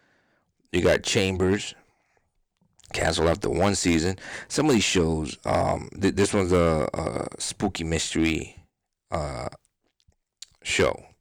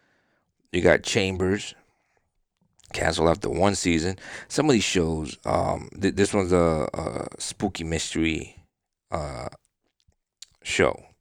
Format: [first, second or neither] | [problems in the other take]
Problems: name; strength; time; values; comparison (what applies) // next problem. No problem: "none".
second | distortion; slight; 3% of the sound clipped